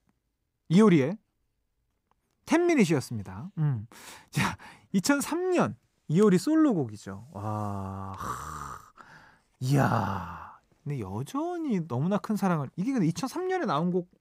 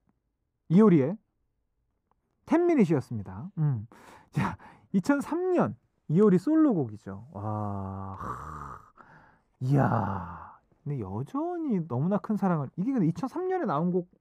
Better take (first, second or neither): first